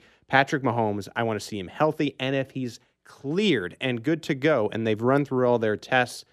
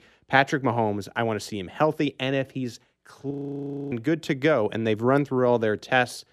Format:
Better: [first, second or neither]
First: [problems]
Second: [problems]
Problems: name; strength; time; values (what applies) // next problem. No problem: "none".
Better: first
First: none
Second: audio freezing; at 3.5 s for 0.5 s